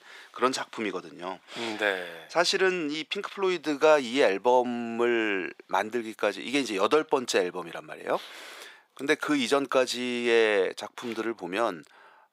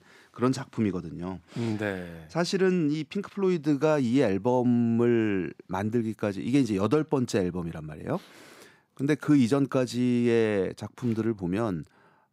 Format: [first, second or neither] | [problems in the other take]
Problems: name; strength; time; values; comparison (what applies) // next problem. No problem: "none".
second | thin; somewhat; fading below 600 Hz